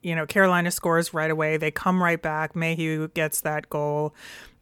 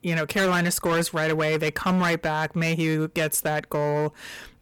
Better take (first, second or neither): first